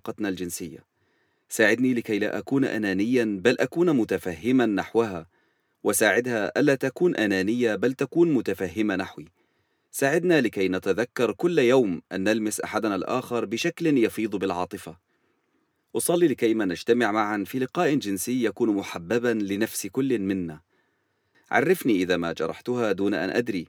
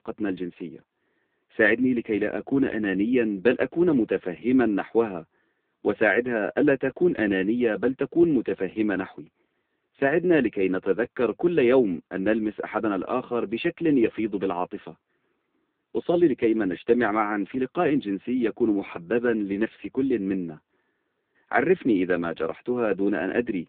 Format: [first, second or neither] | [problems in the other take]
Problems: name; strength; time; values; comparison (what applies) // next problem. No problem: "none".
first | phone-call audio; poor line; nothing above 3.5 kHz